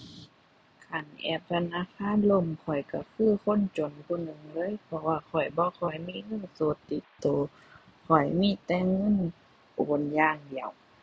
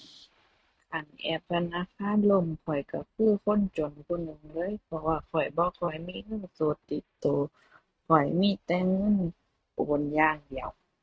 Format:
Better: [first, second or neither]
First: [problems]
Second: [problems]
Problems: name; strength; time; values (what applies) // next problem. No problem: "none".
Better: first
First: none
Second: noise reduction (neural mask model RNNoise)